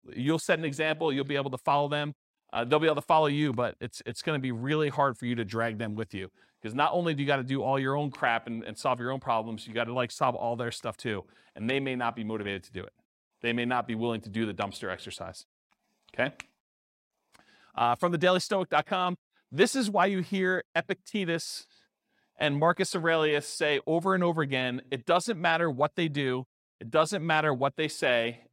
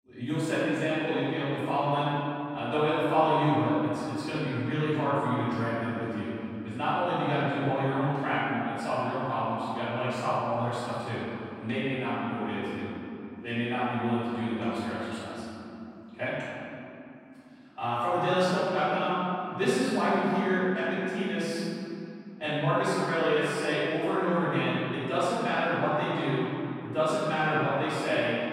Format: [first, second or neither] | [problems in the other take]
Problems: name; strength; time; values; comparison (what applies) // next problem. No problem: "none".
first | room echo; strong; dies away in 3 s // off-mic speech; far